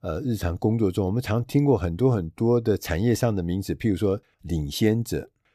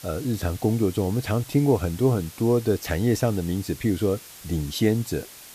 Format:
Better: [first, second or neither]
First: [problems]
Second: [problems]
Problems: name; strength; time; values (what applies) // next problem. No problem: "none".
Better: first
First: none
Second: hiss; noticeable; throughout; 15 dB below the speech